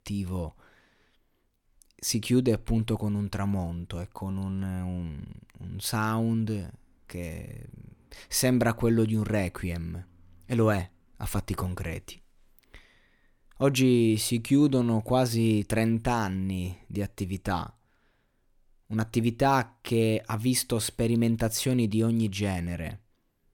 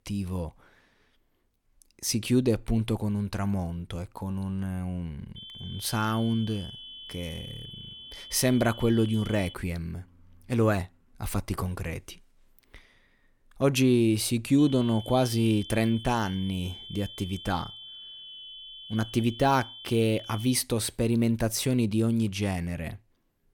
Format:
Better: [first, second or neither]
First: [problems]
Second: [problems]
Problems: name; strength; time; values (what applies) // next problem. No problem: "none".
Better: first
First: none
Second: high-pitched whine; noticeable; from 5.5 to 9.5 s and from 15 to 21 s; 3 kHz, 15 dB below the speech